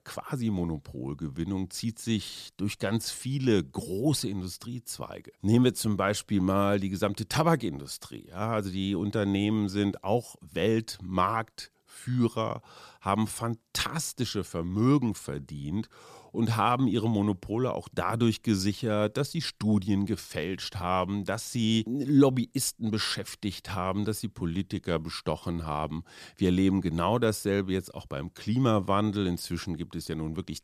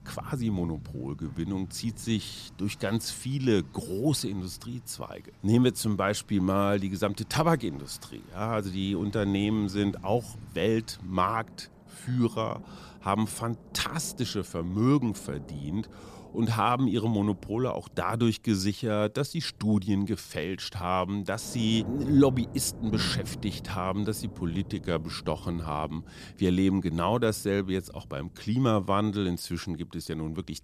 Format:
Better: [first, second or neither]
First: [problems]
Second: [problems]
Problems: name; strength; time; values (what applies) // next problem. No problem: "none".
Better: first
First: none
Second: rain or running water; noticeable; throughout; 15 dB below the speech